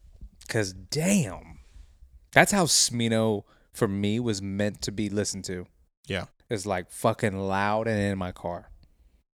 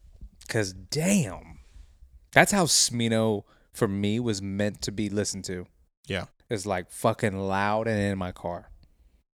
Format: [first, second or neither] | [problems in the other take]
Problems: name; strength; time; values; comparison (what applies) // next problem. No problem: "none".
neither | none